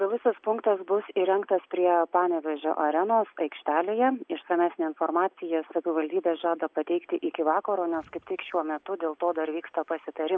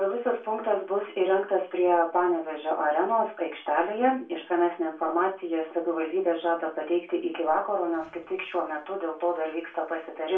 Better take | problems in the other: first | room echo; dies away in 0.3 s

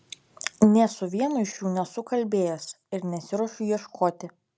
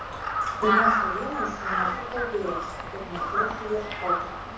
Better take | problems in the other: first | background sound (Crow); 5 dB above the speech // room echo; dies away in 0.6 s

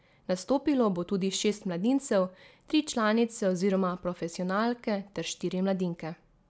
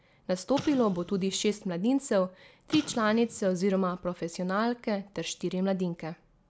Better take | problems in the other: first | background sound (Explosion); 18 dB below the speech

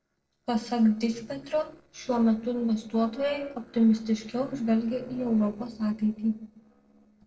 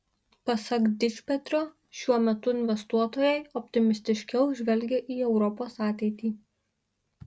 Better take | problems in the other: second | noise reduction (neural separator model SepFormer DNS4)

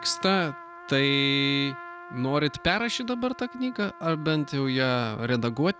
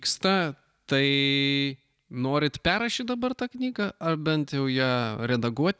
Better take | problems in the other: second | background sound (Trumpet); 17 dB below the speech

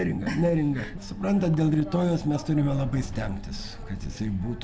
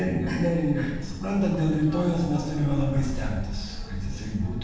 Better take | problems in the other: first | room echo; dies away in 0.9 s

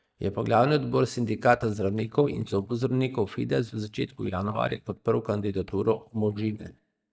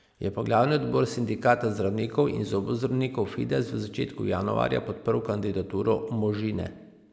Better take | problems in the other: second | noise reduction (neural mask model DeepFilterNet 3)

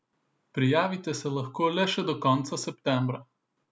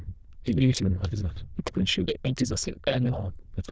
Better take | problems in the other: first | noise reduction (neural diffusion model UNIVERSE++)

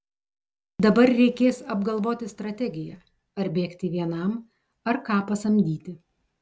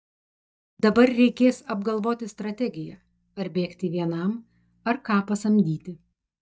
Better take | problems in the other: first | noise reduction (neural mask model DeepFilterNet 3)

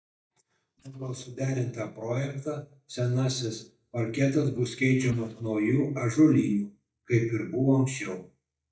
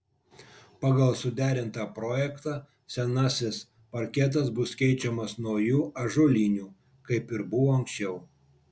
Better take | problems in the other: second | noise reduction (neural mask model DeepFilterNet 3)

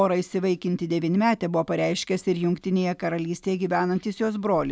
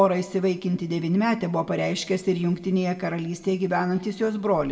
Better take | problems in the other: first | room echo; dies away in 1.3 s

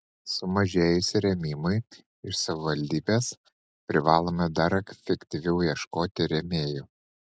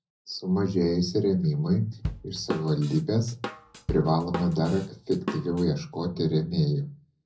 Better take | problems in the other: first | background sound (Drum / Drum kit); 10 dB below the speech // room echo; dies away in 0.4 s

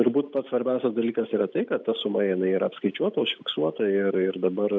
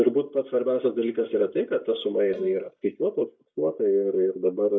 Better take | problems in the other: first | noise reduction (neural mask model DeepFilterNet 3)

